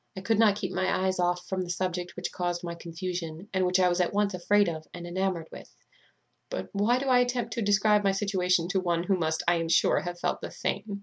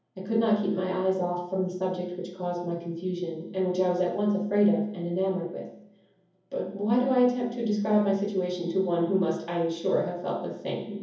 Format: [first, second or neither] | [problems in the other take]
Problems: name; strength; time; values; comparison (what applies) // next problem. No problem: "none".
first | room echo; dies away in 0.7 s